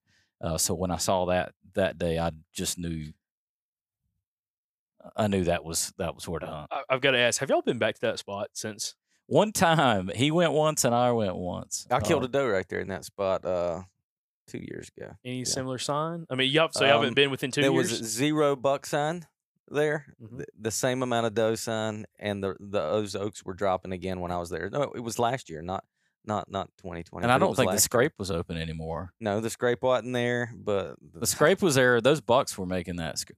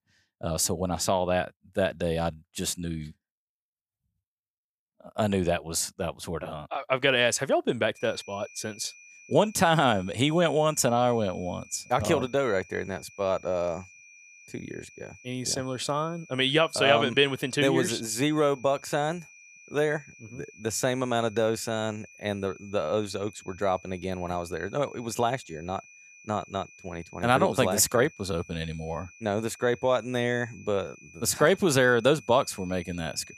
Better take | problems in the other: first | high-pitched whine; faint; from 8 s on; 2.5 kHz, 20 dB below the speech

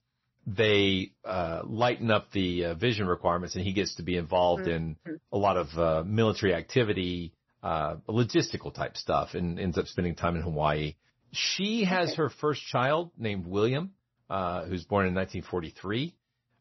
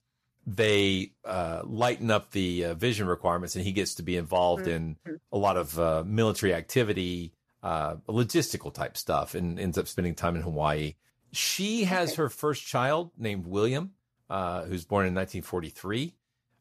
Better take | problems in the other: second | garbled, watery; slightly; nothing above 6 kHz

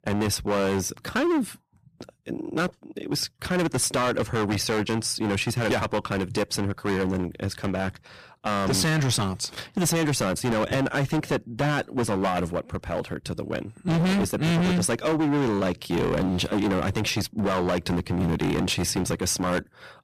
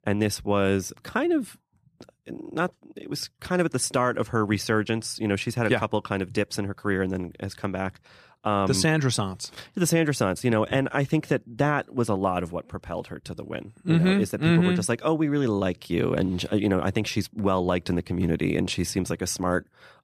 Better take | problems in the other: second | distortion; heavy; 19% of the sound clipped

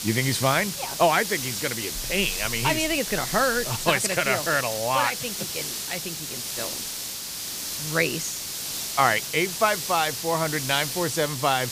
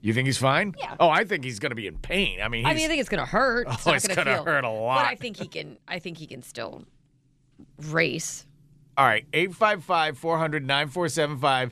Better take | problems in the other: second | hiss; loud; throughout; 4 dB below the speech

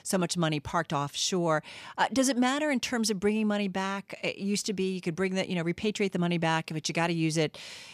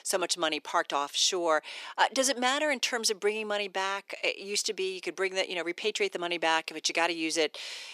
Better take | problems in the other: first | thin; very; fading below 350 Hz

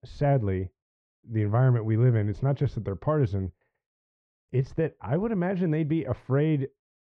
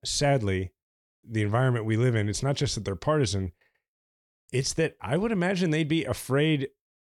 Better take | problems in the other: second | muffled; very; fading above 1.5 kHz

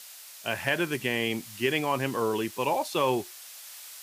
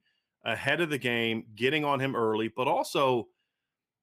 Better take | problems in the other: second | hiss; noticeable; throughout; 15 dB below the speech

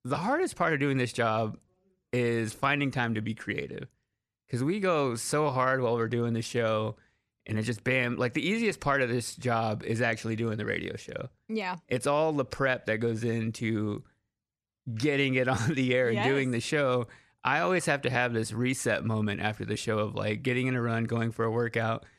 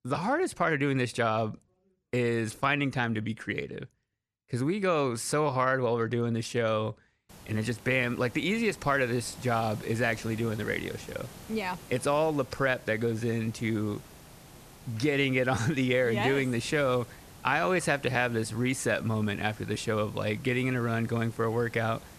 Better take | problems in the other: first | hiss; faint; from 7.5 s on; 20 dB below the speech

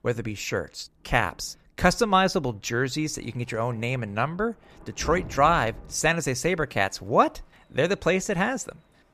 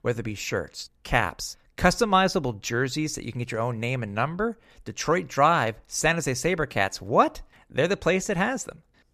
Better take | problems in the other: second | rain or running water; noticeable; throughout; 20 dB below the speech

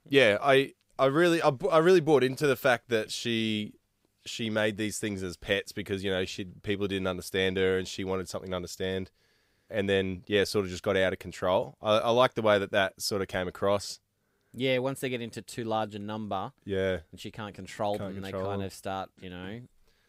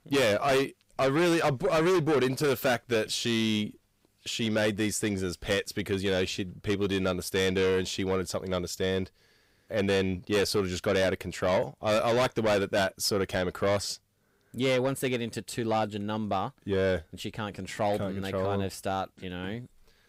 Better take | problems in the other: first | distortion; heavy; 7 dB below the speech

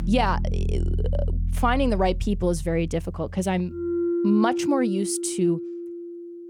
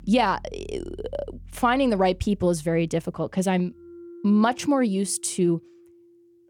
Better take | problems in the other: second | background music; loud; throughout; 3 dB below the speech; faint in the second

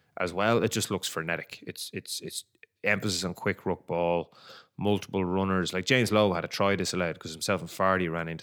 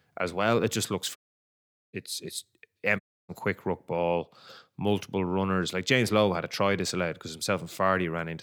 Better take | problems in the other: first | audio cutting out; at 1 s for 1 s and at 3 s

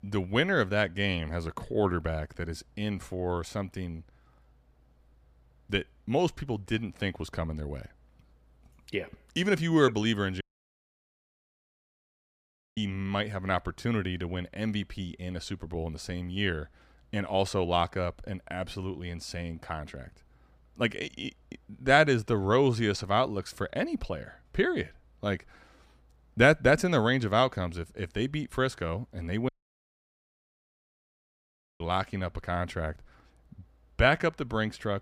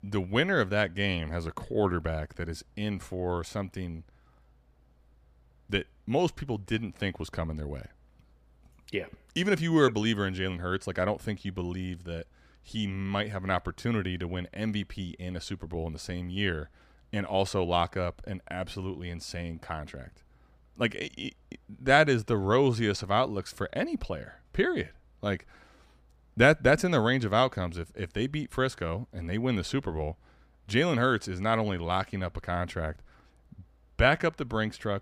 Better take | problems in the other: second | audio cutting out; at 10 s for 2.5 s and at 29 s for 2.5 s

